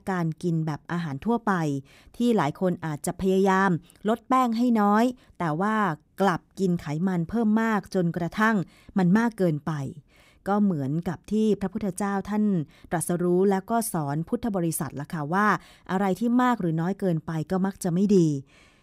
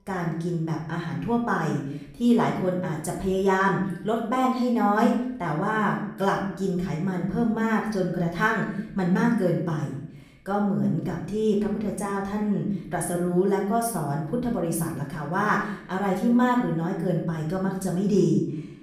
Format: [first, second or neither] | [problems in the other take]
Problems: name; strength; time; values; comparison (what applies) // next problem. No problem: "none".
first | room echo; noticeable; dies away in 0.6 s // off-mic speech; far